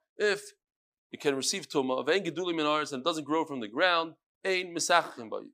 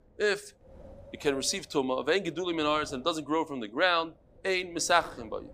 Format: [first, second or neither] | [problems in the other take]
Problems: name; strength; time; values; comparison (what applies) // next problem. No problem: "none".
first | wind noise on the microphone; occasional gusts; 25 dB below the speech